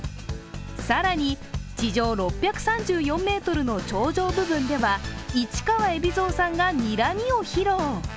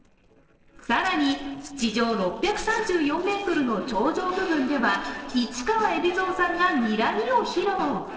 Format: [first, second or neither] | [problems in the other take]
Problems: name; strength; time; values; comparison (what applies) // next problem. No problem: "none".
first | noise reduction (neural separator model SepFormer DNS4)